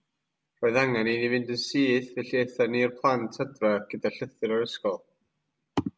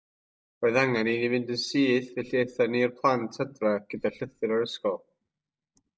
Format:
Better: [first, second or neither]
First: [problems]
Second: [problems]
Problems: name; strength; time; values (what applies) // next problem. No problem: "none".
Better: first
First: none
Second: noise reduction (neural mask model DeepFilterNet 3)